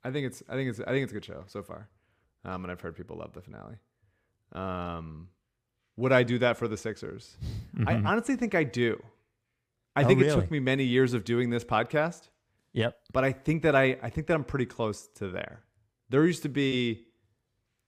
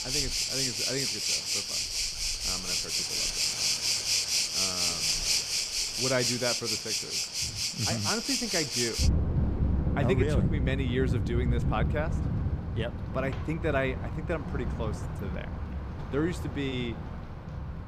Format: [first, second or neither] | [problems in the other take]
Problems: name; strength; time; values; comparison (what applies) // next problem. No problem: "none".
first | rain or running water; very loud; throughout; 5 dB above the speech